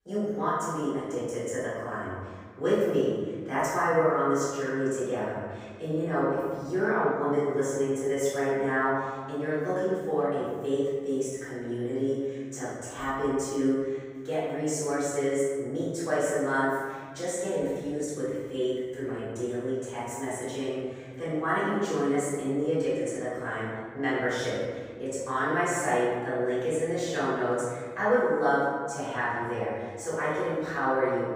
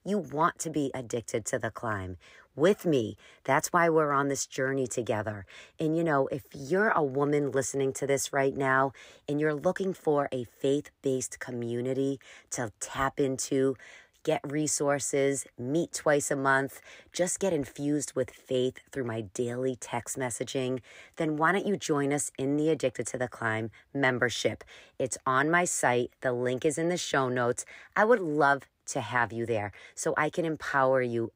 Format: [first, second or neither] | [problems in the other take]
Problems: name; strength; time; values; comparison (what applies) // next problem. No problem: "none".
second | off-mic speech; far // room echo; strong; dies away in 1.5 s